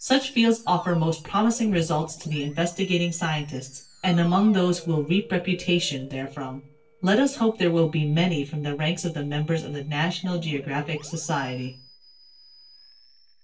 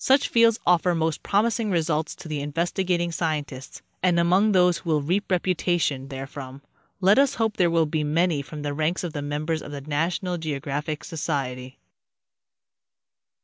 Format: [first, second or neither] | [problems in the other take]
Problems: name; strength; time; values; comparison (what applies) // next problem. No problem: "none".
second | noise reduction (neural separator model SepFormer DNS4)